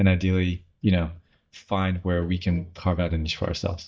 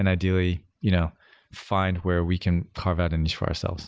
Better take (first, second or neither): second